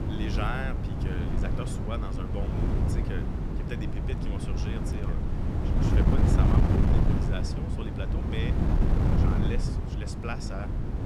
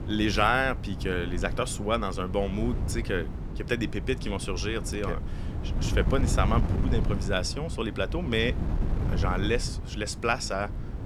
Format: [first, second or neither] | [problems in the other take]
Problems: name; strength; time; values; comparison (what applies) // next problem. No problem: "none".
second | wind noise on the microphone; heavy; 2 dB above the speech; occasional gusts in the second